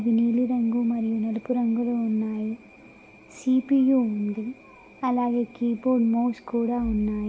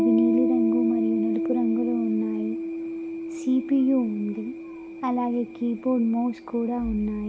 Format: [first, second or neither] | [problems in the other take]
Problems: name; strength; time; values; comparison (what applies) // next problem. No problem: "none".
first | background sound (Piano); 3 dB below the speech